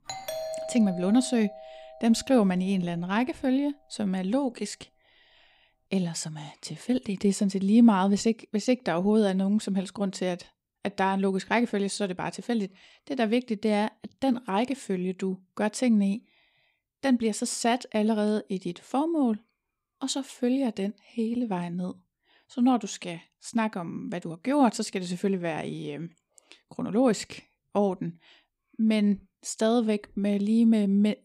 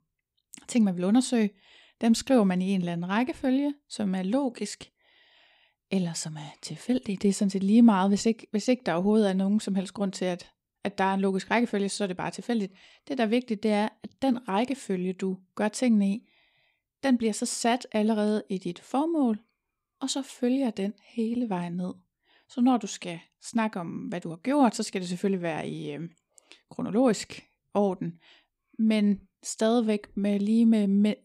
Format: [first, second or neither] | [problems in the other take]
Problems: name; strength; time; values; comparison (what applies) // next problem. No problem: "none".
second | doorbell; noticeable; until 2.5 s; peak 7 dB below the speech